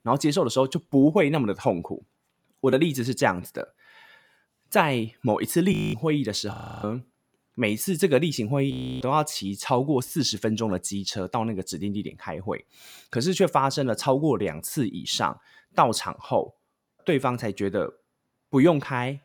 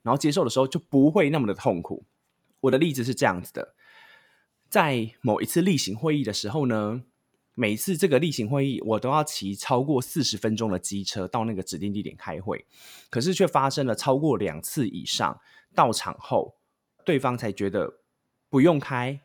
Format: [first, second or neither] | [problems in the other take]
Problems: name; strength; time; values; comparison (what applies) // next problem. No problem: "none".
second | audio freezing; at 5.5 s, at 6.5 s and at 8.5 s